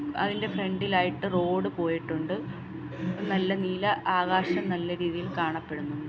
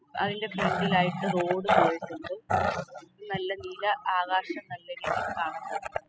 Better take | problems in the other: first | noise reduction (classical method spectral subtraction)

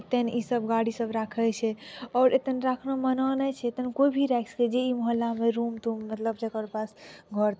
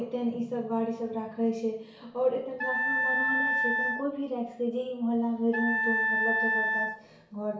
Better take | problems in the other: first | background sound (Wind instrument, woodwind instrument); 2 dB above the speech // room echo; dies away in 0.6 s

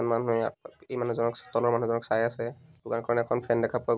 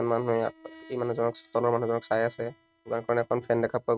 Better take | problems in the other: first | noise reduction (neural mask model RNNoise)

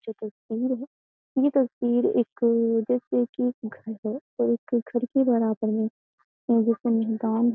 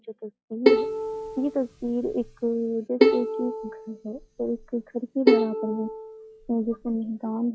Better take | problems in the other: first | noise reduction (classical method log-MMSE)

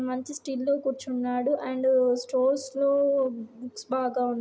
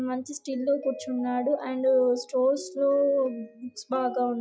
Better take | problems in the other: first | noise reduction (classical method log-MMSE)

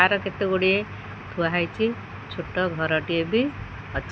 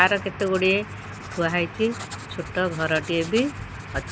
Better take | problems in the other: first | background sound (Writing); 19 dB below the speech

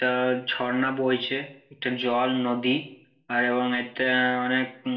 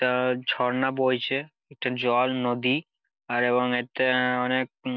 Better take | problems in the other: second | room echo; dies away in 0.5 s

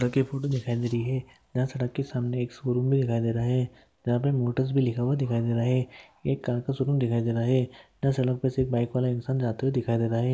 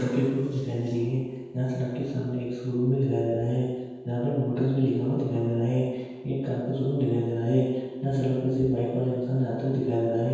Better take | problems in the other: first | room echo; dies away in 1.2 s

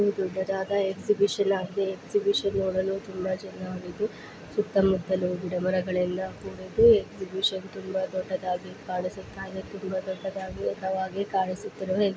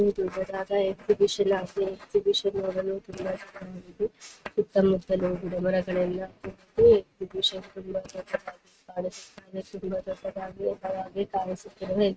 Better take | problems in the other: first | noise reduction (neural mask model RNNoise)

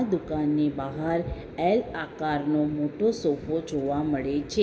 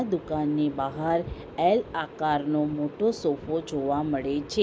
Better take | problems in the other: second | room echo; dies away in 2 s

